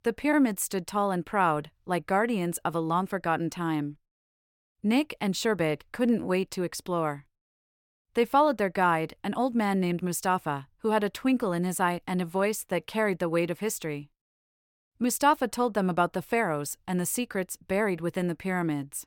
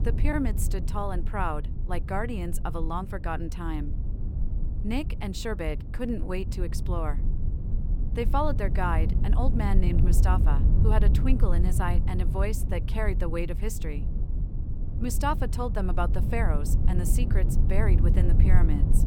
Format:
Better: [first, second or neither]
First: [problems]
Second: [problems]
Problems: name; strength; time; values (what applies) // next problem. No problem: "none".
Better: first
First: none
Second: low rumble; loud; throughout; 9 dB below the speech